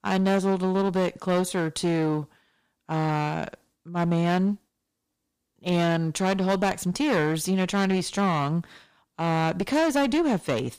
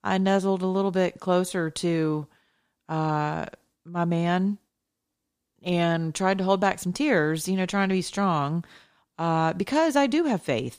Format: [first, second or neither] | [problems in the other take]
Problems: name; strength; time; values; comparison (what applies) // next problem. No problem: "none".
second | distortion; slight; 11% of the sound clipped